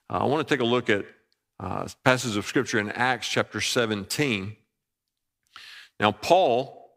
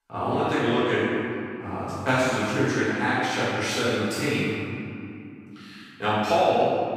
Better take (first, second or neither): first